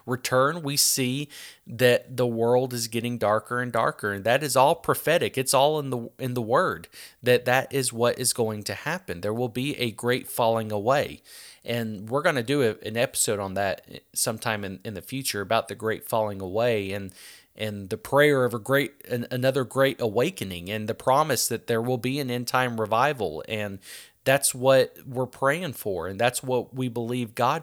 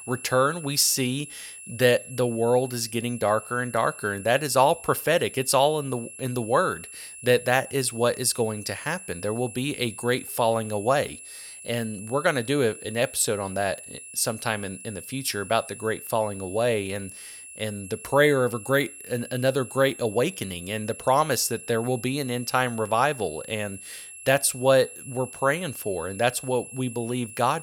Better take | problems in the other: first | high-pitched whine; noticeable; throughout; 11 kHz, 15 dB below the speech

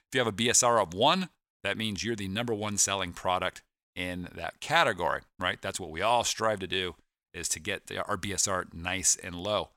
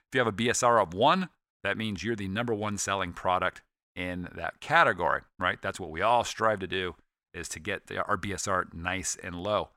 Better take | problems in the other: first | muffled; slightly; fading above 3 kHz

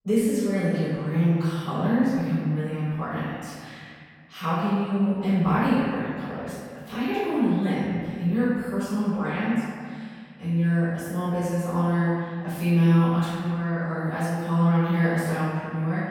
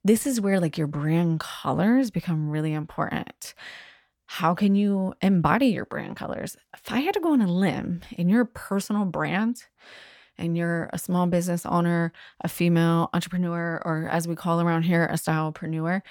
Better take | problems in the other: second | off-mic speech; far // room echo; strong; dies away in 1.9 s

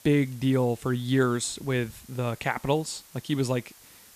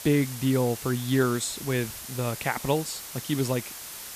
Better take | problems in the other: first | hiss; loud; throughout; 9 dB below the speech; faint in the first

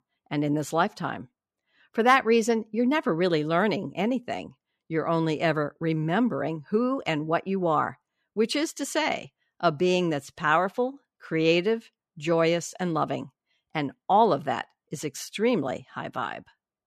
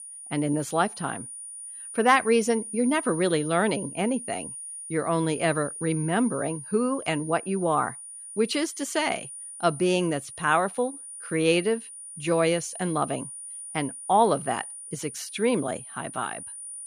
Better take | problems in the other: first | high-pitched whine; noticeable; throughout; 9.5 kHz, 10 dB below the speech

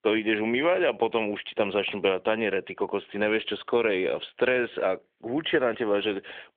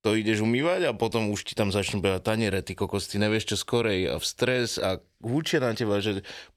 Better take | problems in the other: second | phone-call audio

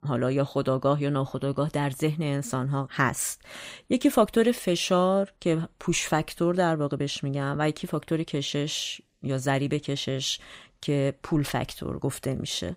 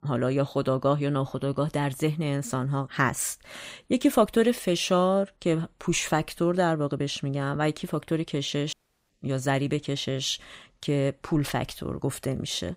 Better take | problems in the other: first | audio cutting out; at 8.5 s

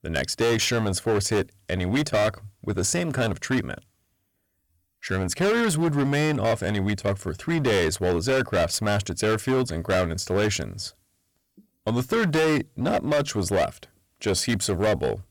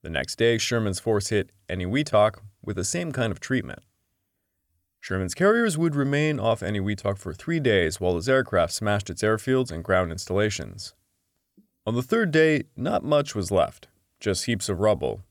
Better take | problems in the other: second | distortion; heavy; 14% of the sound clipped

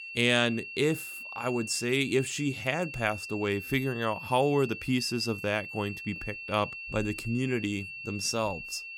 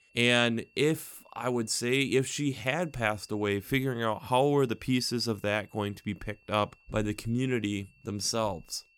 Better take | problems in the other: second | high-pitched whine; loud; throughout; 2.5 kHz, 9 dB below the speech; faint in the second

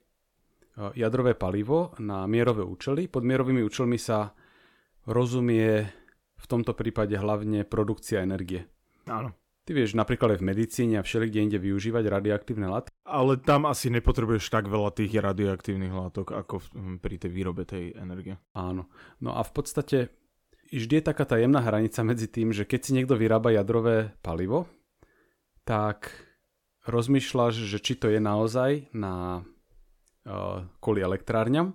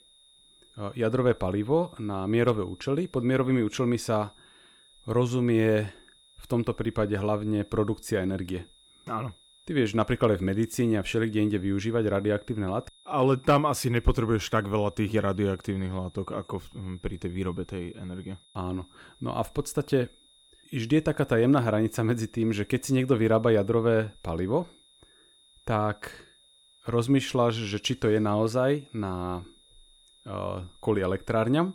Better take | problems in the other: first | high-pitched whine; faint; throughout; 3.5 kHz, 30 dB below the speech

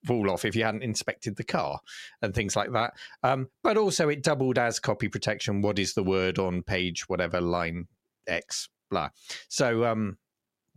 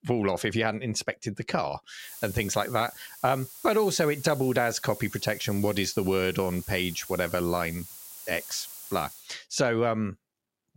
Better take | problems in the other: first | hiss; noticeable; from 2 to 9 s; 15 dB below the speech

